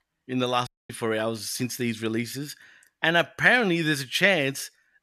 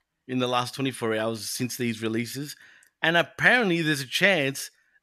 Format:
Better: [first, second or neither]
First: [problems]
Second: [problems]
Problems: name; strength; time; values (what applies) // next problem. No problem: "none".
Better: second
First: audio cutting out; at 0.5 s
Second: none